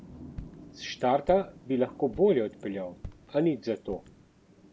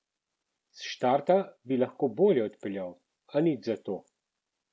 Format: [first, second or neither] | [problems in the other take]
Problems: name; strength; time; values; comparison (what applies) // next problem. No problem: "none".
second | background sound (Walk, footsteps + Thunder / Rain); 17 dB below the speech